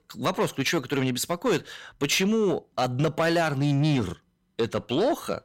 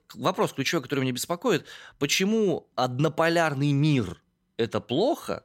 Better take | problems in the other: second | distortion; slight; 10 dB below the speech

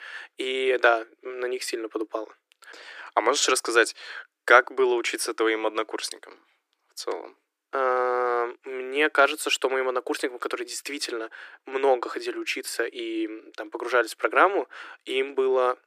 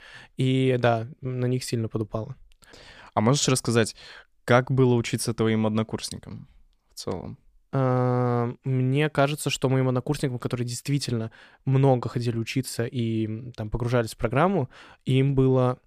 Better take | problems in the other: second | thin; very; fading below 300 Hz

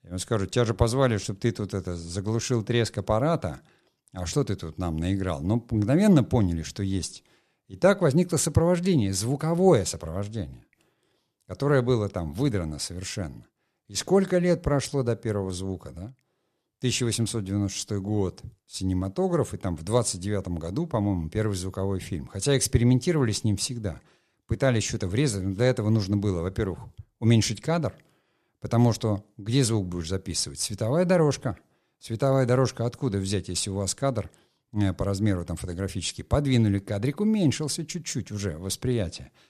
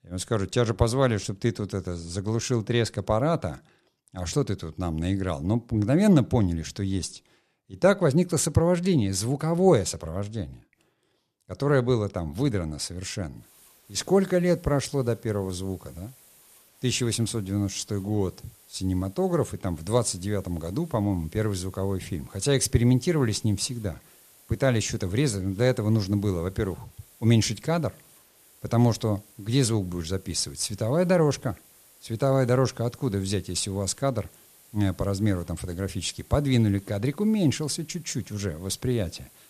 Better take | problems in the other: first | hiss; faint; from 13 s on; 25 dB below the speech

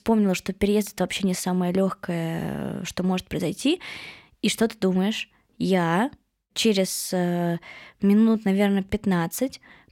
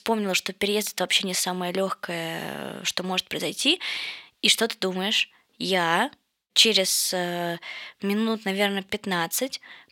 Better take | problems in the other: first | thin; somewhat; fading below 850 Hz

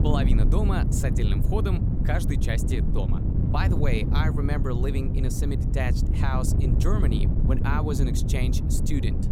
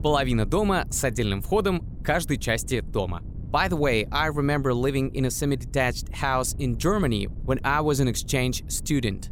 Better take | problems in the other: second | wind noise on the microphone; heavy; 4 dB below the speech; occasional gusts in the second

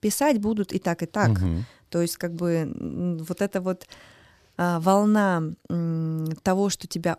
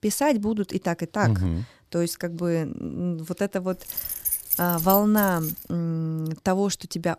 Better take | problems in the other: first | jangling keys; loud; from 4 to 5.5 s; peak 2 dB above the speech

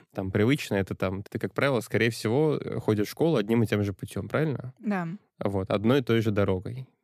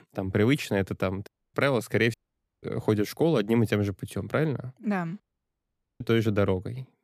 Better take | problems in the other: first | audio cutting out; at 1.5 s, at 2 s and at 5 s for 1 s

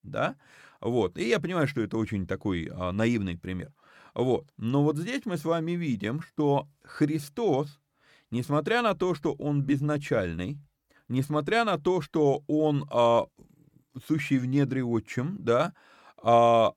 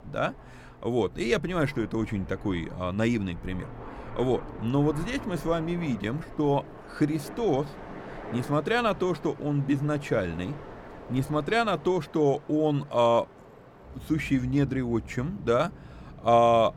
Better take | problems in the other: first | train or aircraft noise; noticeable; throughout; 15 dB below the speech

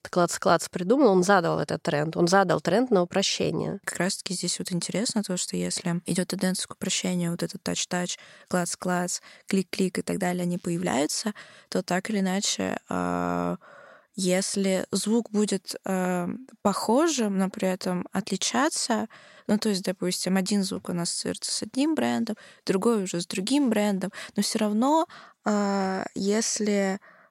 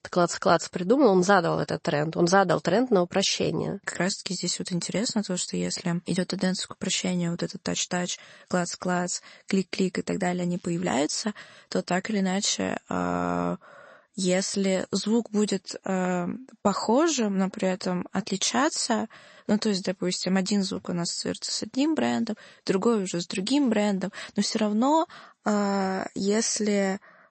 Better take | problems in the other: first | garbled, watery; slightly; nothing above 8 kHz

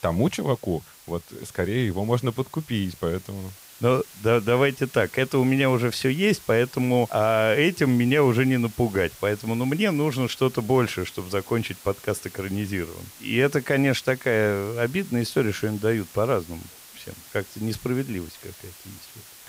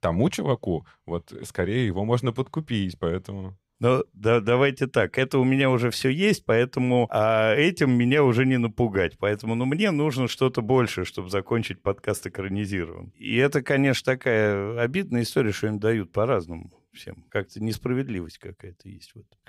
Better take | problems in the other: second | hiss; noticeable; throughout; 20 dB below the speech

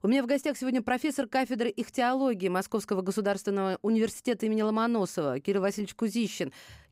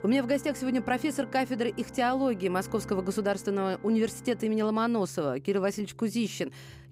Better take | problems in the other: first | background music; noticeable; throughout; 15 dB below the speech

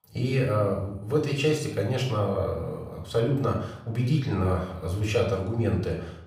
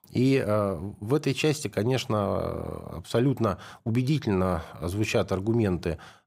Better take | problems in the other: second | off-mic speech; somewhat distant // room echo; noticeable; dies away in 0.6 s

